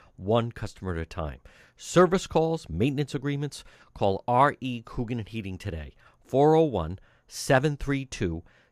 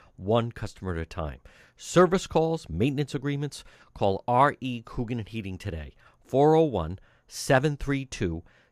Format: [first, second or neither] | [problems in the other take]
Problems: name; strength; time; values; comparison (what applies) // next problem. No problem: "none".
neither | none